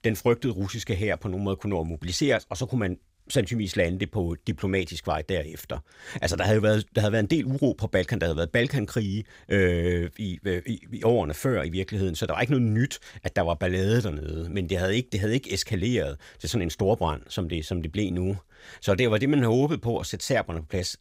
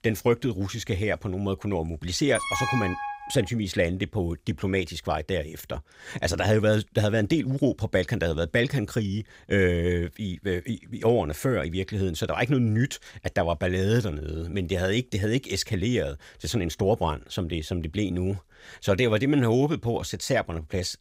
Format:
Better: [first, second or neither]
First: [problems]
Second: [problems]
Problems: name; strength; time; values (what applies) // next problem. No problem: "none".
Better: first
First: none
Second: alarm; noticeable; from 2.5 to 3.5 s; peak 1 dB below the speech